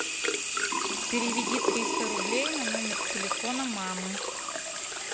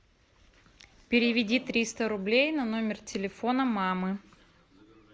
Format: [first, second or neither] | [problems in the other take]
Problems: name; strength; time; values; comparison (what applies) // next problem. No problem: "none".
second | background sound (Sink (filling or washing) / Water tap, faucet); 5 dB above the speech